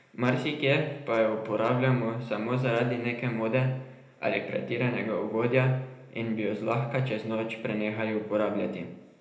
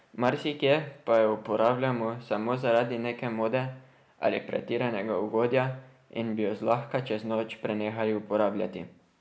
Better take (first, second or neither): second